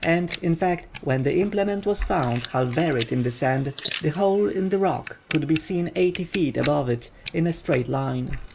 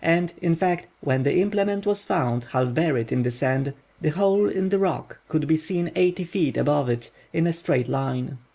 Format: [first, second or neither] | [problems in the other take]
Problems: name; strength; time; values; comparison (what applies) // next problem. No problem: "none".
second | noise reduction (neural mask model Resemble Enhance denoiser)